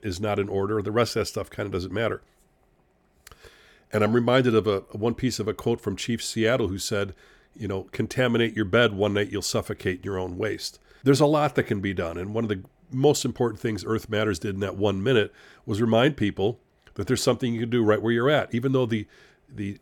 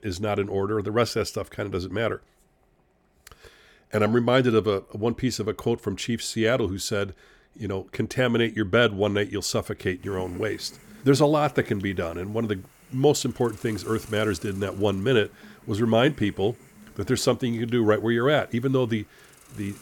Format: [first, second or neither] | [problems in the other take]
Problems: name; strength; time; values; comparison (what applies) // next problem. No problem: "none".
first | hiss; faint; from 10 s on; 25 dB below the speech